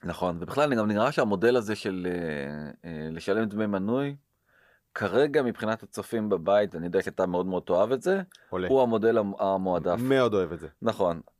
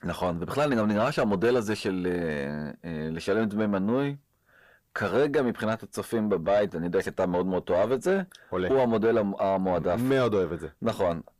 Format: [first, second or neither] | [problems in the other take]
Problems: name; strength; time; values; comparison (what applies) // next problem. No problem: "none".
first | distortion; slight; 10 dB below the speech